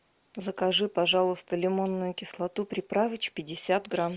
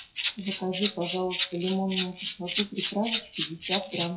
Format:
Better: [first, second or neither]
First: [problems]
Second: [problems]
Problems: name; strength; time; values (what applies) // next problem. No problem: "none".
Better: first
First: none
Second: noise reduction (classical method WPE with log-MMSE)